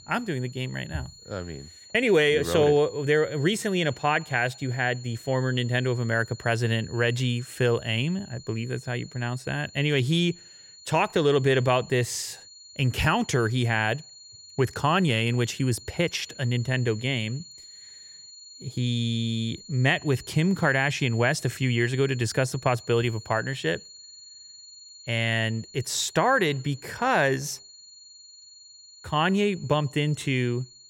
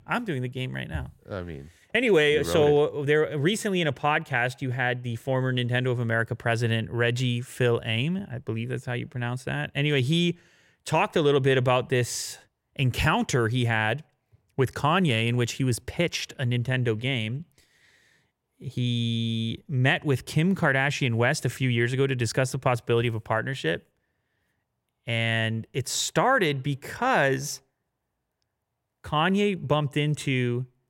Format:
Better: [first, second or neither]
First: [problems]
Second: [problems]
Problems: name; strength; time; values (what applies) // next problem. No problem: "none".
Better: second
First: high-pitched whine; noticeable; throughout; 4.5 kHz, 20 dB below the speech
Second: none